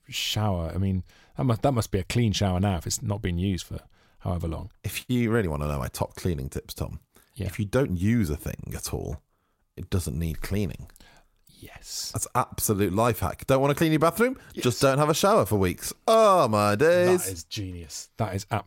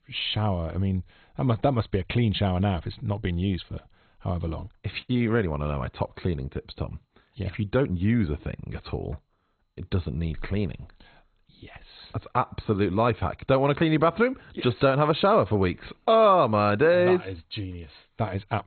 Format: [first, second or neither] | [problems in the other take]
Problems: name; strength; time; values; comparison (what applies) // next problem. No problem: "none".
first | garbled, watery; badly; nothing above 4 kHz